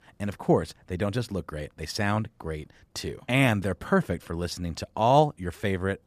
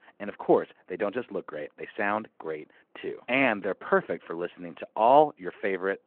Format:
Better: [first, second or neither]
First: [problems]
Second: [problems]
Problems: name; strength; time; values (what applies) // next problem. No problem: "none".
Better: first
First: none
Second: phone-call audio